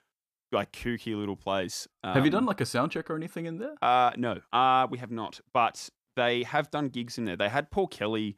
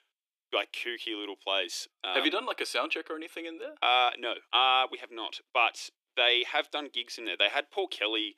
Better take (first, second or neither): first